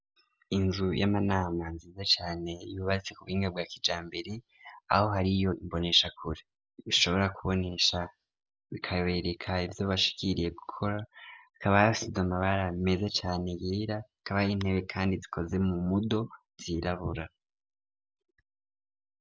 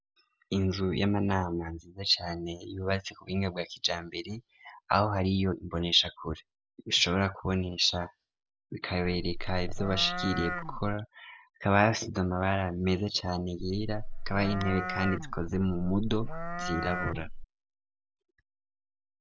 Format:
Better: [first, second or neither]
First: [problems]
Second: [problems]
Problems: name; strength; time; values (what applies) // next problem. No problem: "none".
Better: first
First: none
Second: background sound (Livestock, farm animals, working animals); 3 dB below the speech